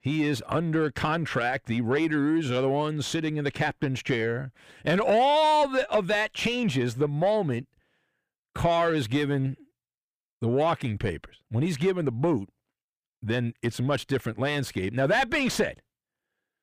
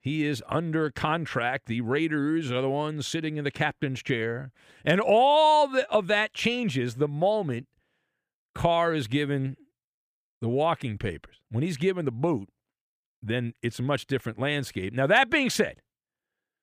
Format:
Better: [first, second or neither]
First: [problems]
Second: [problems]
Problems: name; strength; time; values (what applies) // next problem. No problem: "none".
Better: second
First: distortion; slight; 10 dB below the speech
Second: none